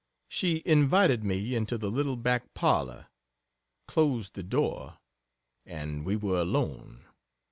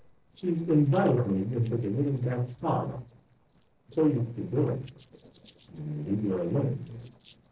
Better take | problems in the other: first | noise reduction (neural separator model SepFormer DNS4)

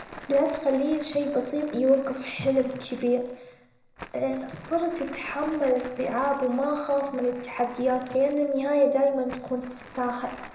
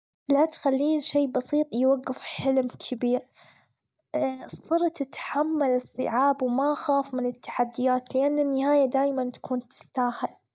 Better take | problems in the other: second | background sound (Crumpling, crinkling); 19 dB below the speech // room echo; dies away in 0.8 s

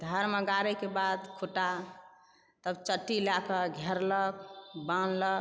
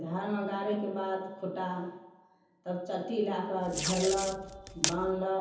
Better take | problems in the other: first | background sound (Packing tape, duct tape); 3 dB below the speech // room echo; dies away in 0.7 s

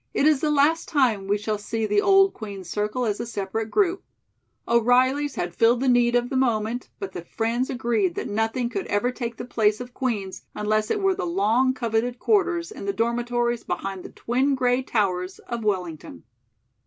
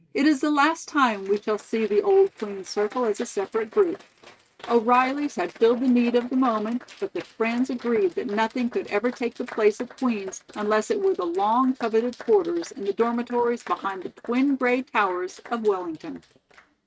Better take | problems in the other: first | noise reduction (neural mask model RNNoise)

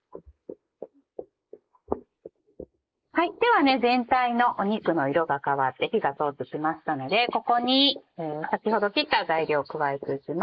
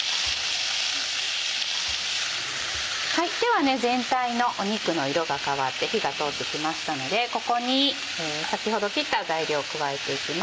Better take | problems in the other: second | noise reduction (neural mask model Resemble Enhance denoiser)

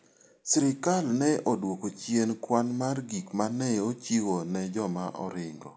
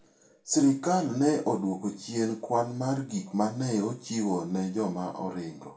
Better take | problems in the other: first | room echo; dies away in 0.2 s

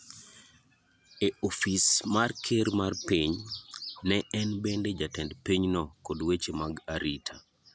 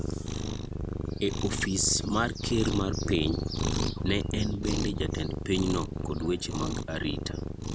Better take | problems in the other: first | background sound (Cat); as loud as the speech

